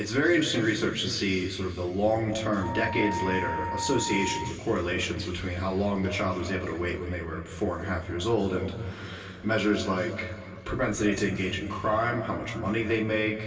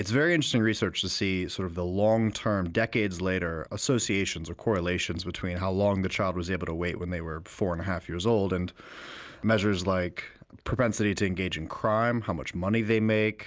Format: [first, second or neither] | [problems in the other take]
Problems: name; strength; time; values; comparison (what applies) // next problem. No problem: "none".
second | background sound (Wind instrument, woodwind instrument); 8 dB below the speech // room echo; dies away in 2.5 s